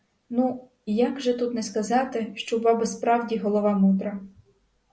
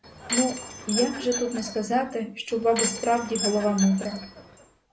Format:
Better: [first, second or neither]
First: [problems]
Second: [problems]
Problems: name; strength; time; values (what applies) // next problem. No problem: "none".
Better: first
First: none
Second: background sound (Door / Chime); 6 dB below the speech